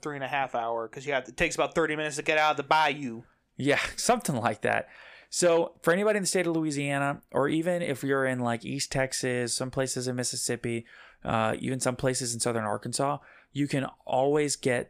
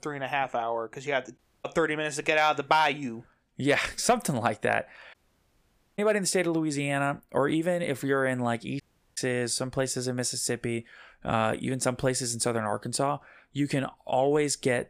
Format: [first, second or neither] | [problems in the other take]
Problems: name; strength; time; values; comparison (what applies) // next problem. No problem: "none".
first | audio cutting out; at 1.5 s, at 5 s for 1 s and at 9 s